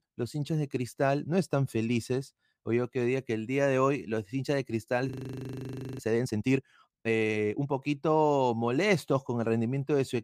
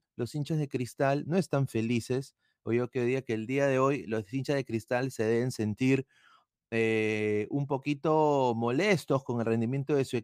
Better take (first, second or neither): second